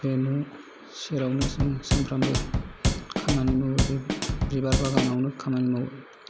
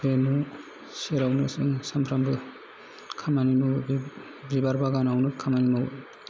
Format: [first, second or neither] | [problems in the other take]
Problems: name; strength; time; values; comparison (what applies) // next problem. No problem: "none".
second | background sound (Drum kit); 1 dB above the speech